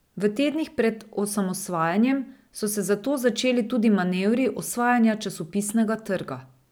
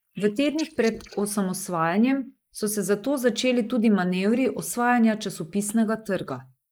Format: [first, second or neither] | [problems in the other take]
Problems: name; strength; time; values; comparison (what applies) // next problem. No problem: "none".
first | noise reduction (neural mask model Resemble Enhance denoiser)